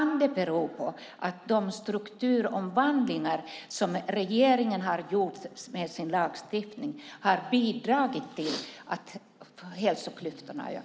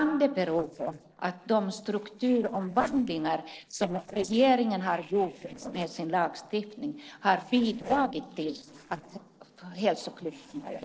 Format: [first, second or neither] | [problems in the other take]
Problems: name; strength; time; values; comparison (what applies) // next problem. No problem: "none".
first | noise reduction (neural separator model SepFormer DNS4)